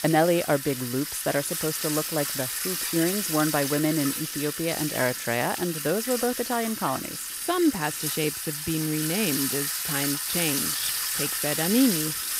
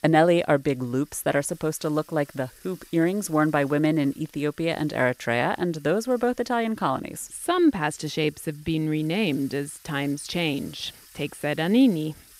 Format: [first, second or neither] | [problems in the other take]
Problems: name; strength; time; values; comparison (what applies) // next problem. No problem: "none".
second | household noises; loud; throughout; 1 dB below the speech; faint in the second